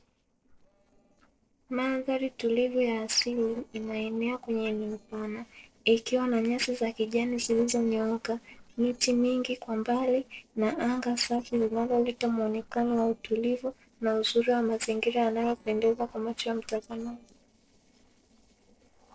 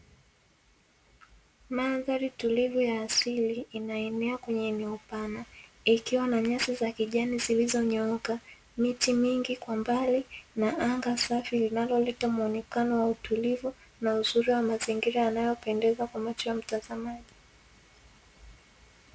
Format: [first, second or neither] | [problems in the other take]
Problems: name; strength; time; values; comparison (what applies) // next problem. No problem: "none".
second | noise reduction (neural separator model SepFormer DNS4)